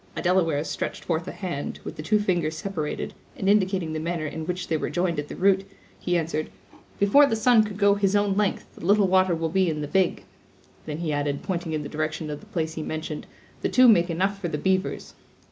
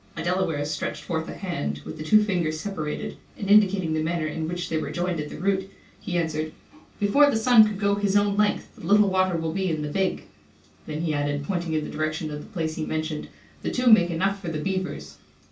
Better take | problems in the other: first | room echo; dies away in 0.2 s

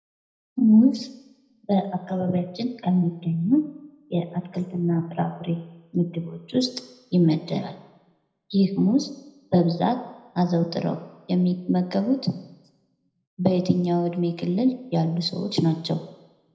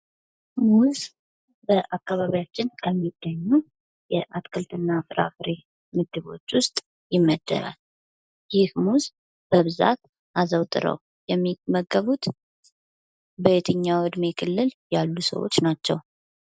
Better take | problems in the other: second | room echo; dies away in 0.8 s

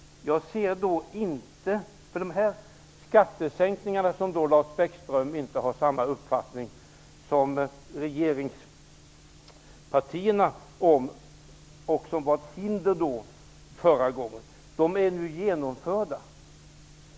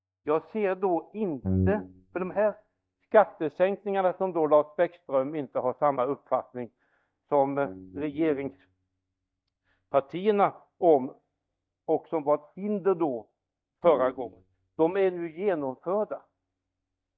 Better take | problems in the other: first | noise reduction (neural mask model DeepFilterNet 3)

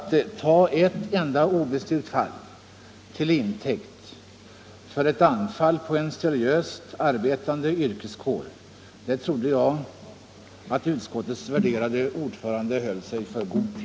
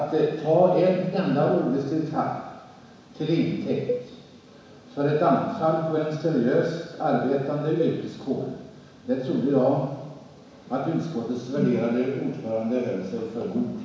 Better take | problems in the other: first | background sound (Cowbell); 12 dB below the speech // room echo; dies away in 1.1 s

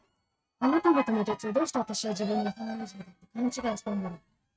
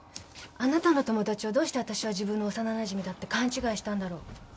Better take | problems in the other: second | noise reduction (neural mask model RNNoise)

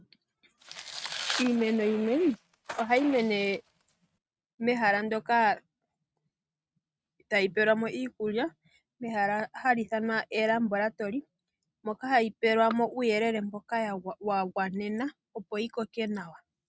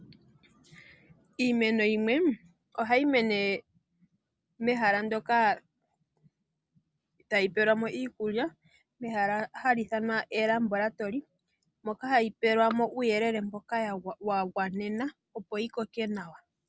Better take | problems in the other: second | noise reduction (neural mask model RNNoise)

